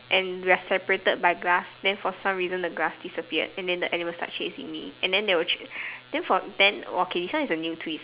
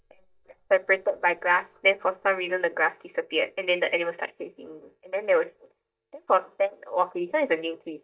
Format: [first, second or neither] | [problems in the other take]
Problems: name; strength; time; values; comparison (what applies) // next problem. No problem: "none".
first | noise reduction (neural mask model DeepFilterNet 3)